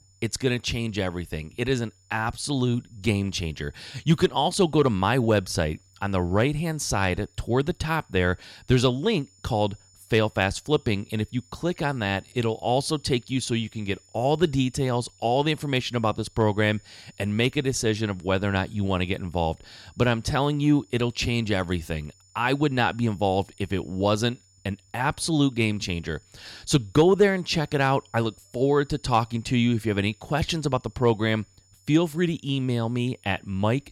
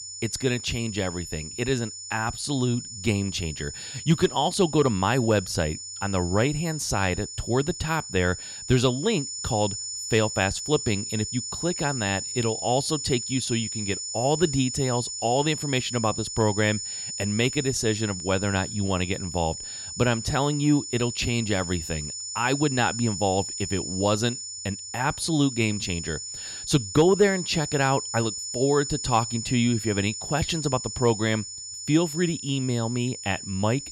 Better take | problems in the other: first | high-pitched whine; loud; throughout; 7 kHz, 7 dB below the speech; faint in the first

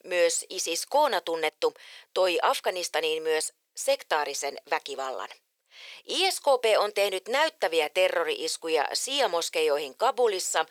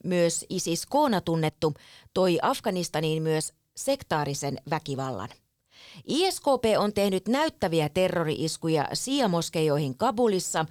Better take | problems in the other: second | thin; very; fading below 450 Hz

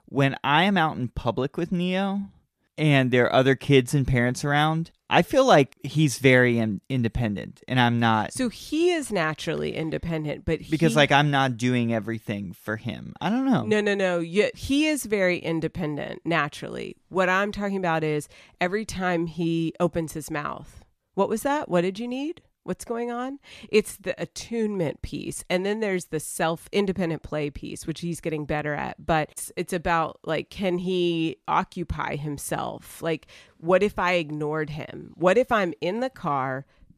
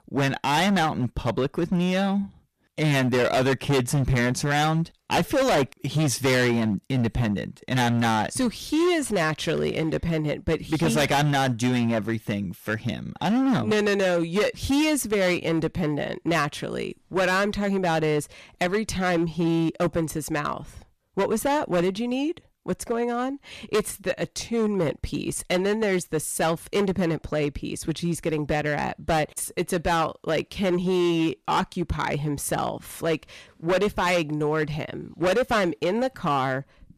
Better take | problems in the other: first | distortion; heavy; 13% of the sound clipped

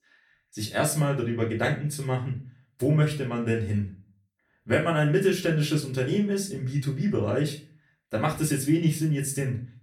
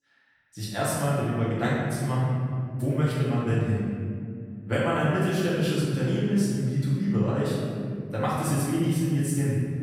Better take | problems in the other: first | room echo; strong; dies away in 2.3 s; slight in the first // off-mic speech; far; far in the first

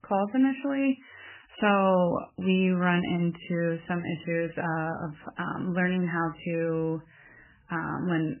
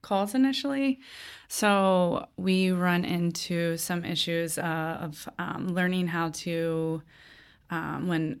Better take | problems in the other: second | garbled, watery; badly; nothing above 3 kHz

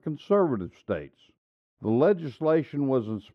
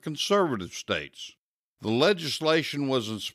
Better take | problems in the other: second | muffled; very; fading above 2 kHz

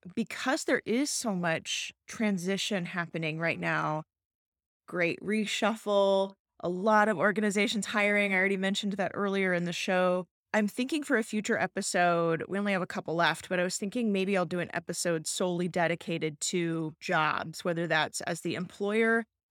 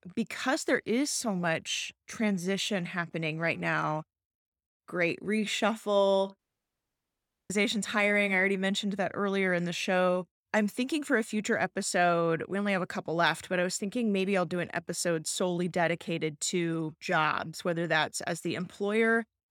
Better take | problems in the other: first | audio cutting out; at 6.5 s for 1 s

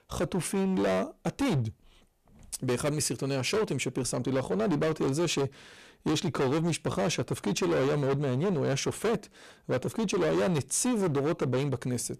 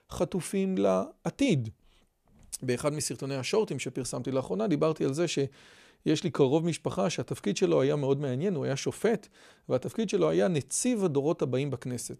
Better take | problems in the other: second | distortion; heavy; 19% of the sound clipped

